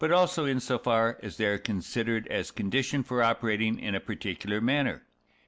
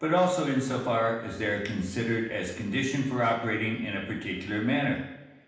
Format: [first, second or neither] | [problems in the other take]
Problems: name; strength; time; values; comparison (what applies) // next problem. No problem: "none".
first | room echo; dies away in 0.9 s